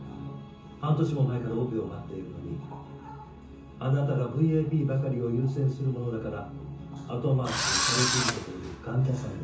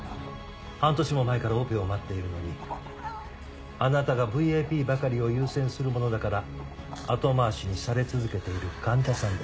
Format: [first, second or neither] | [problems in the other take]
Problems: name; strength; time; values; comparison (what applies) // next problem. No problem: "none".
second | background sound (Engine / Drill); as loud as the speech // room echo; dies away in 0.6 s